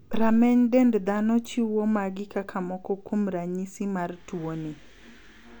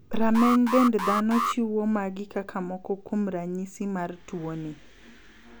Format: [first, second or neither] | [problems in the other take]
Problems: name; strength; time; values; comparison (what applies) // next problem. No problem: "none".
first | background sound (Alarm); 3 dB below the speech